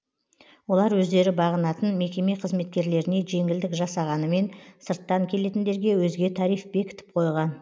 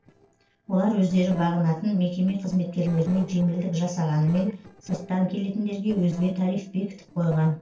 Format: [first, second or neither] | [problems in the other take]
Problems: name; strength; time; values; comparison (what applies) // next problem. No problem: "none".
first | noise reduction (neural separator model SepFormer DNS4)